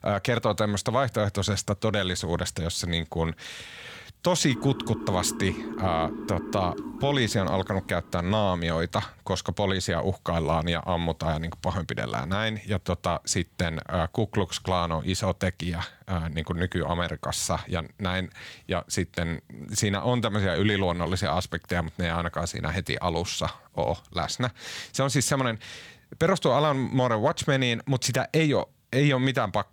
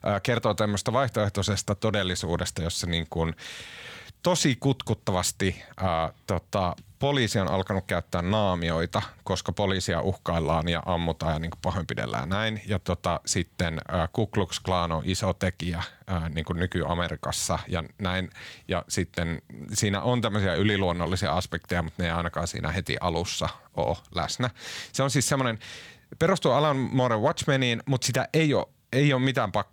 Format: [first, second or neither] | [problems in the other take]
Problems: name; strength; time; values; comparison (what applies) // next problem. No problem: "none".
second | siren; noticeable; from 4.5 to 8.5 s; peak 8 dB below the speech